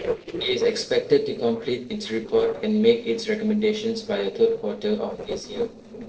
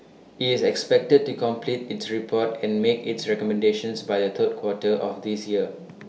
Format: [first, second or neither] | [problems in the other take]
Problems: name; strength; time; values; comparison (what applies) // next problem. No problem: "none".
second | noise reduction (neural separator model SepFormer DNS4)